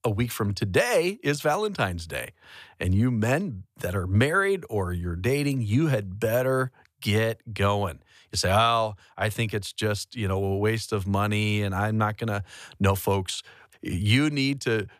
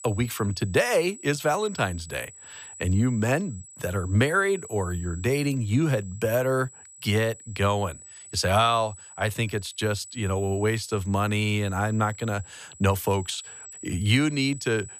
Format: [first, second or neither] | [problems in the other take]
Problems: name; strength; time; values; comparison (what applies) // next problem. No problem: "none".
first | high-pitched whine; noticeable; throughout; 8 kHz, 15 dB below the speech